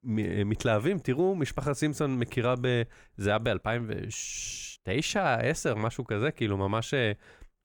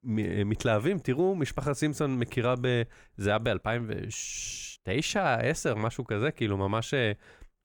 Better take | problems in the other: neither | none

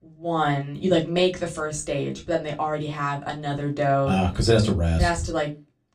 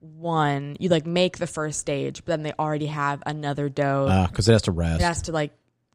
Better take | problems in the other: second | off-mic speech; far // room echo; very slight; dies away in 0.2 s

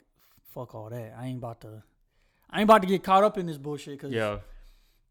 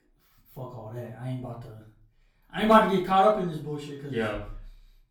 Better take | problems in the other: first | off-mic speech; far // room echo; slight; dies away in 0.4 s

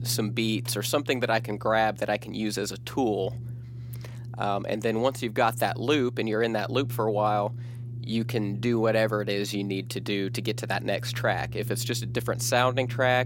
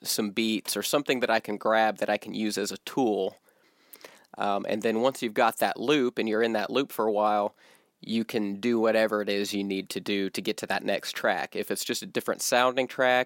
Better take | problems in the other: second | low rumble; faint; throughout; 20 dB below the speech

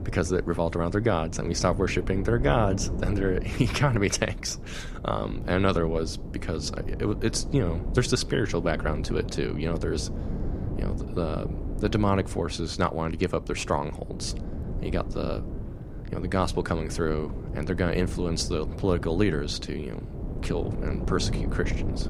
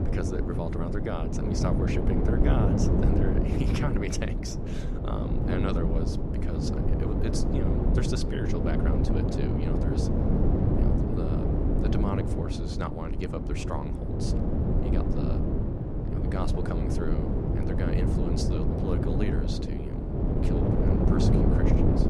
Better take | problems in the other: first | wind noise on the microphone; heavy; 3 dB above the speech; occasional gusts in the first

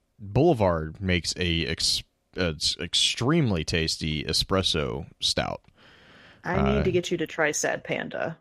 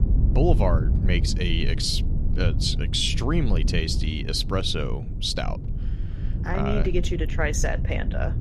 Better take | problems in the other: first | low rumble; noticeable; throughout; 15 dB below the speech

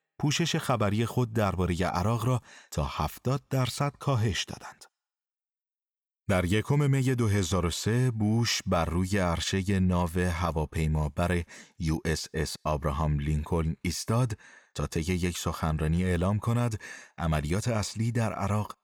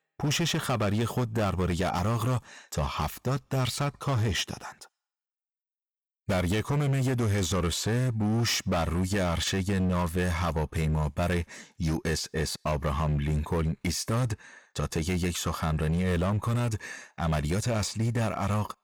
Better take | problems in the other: first | distortion; slight; 17% of the sound clipped

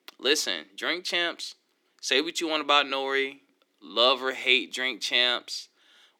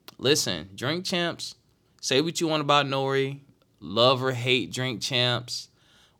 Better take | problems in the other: second | thin; somewhat; fading below 250 Hz

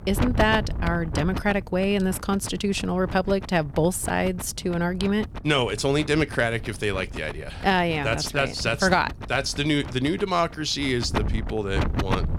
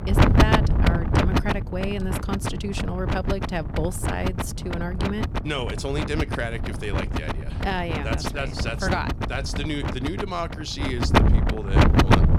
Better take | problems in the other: first | wind noise on the microphone; heavy; 2 dB above the speech; occasional gusts in the first

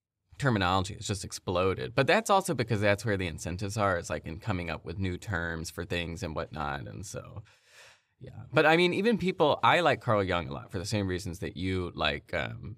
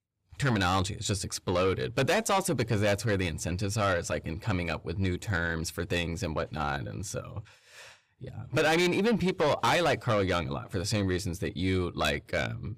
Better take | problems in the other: first | distortion; heavy; 7 dB below the speech

